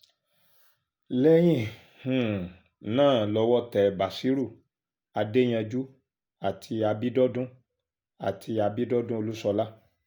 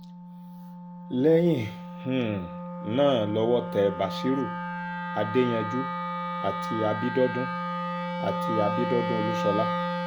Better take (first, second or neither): first